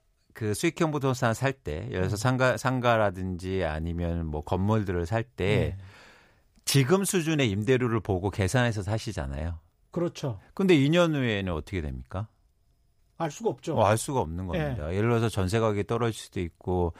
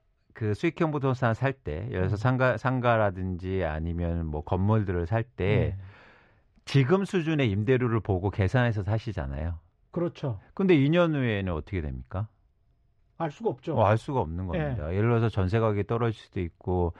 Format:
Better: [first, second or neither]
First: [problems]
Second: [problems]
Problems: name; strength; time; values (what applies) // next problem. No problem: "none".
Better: first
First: none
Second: muffled; slightly; fading above 3 kHz